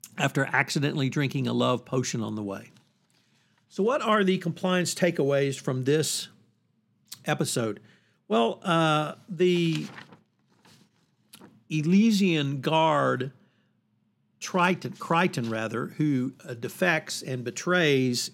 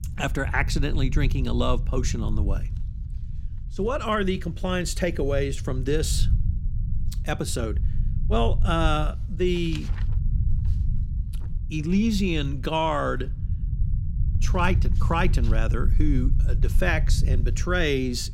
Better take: first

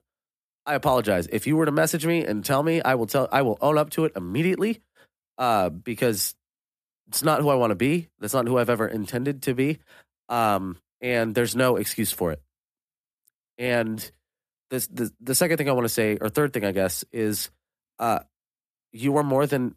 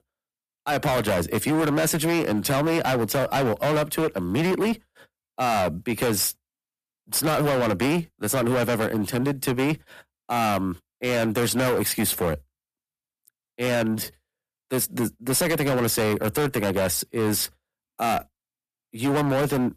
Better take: first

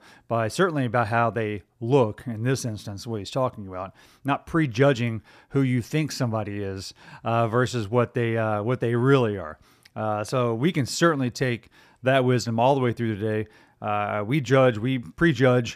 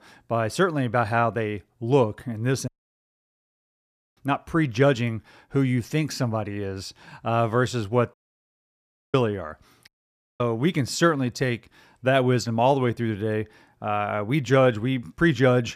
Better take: first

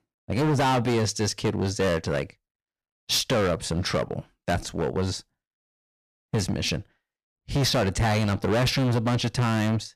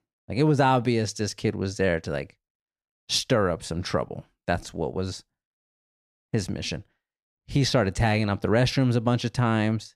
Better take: second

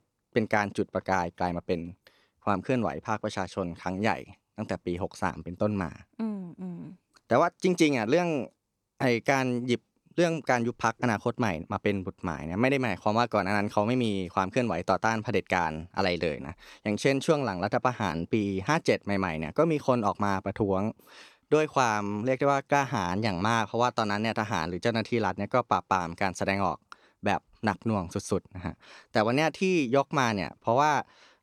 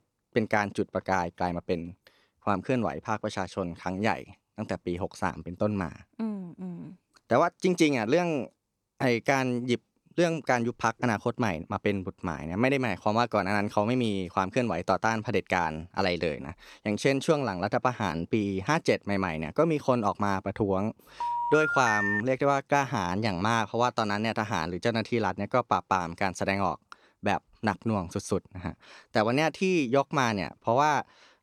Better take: first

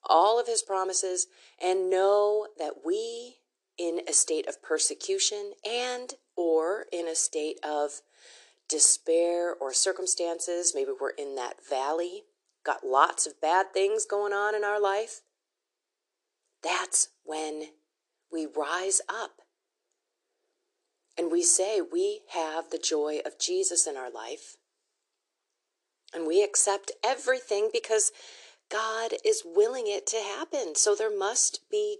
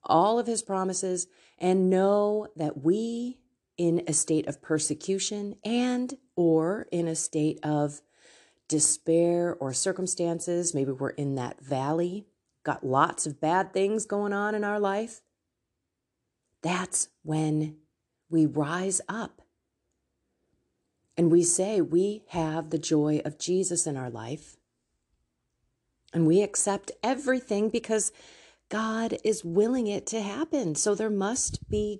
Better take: second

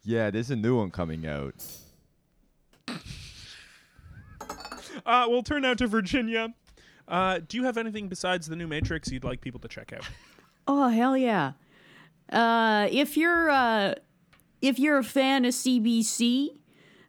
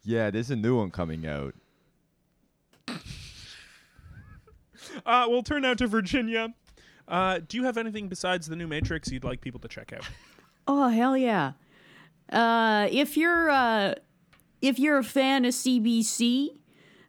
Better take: second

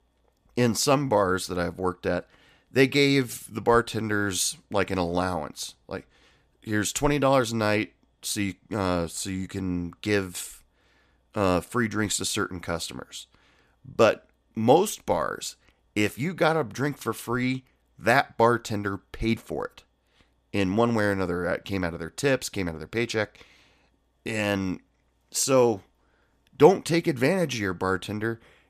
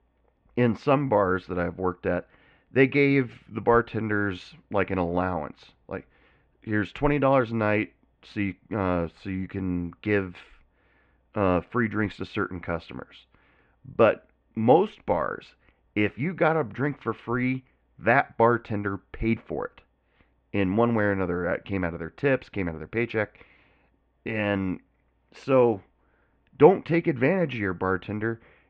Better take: first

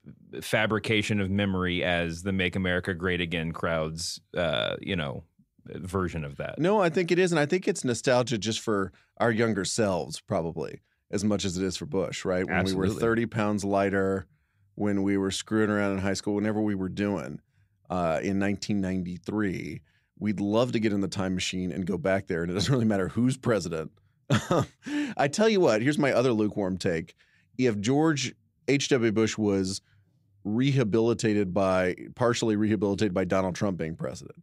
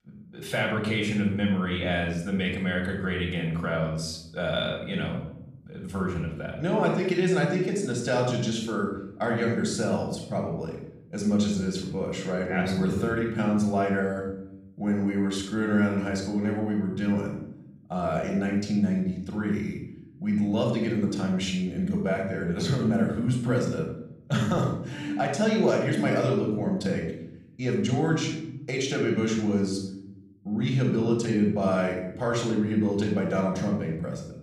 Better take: first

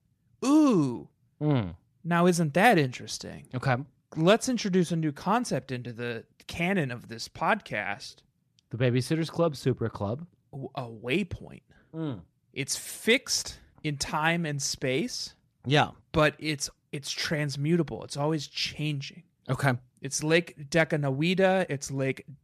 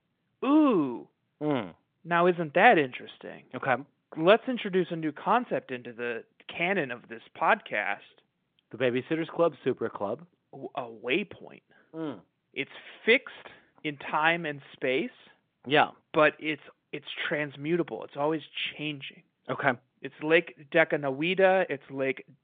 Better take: first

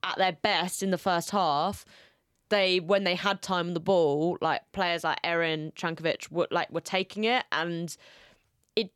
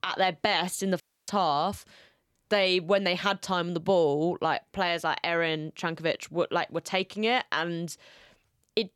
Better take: first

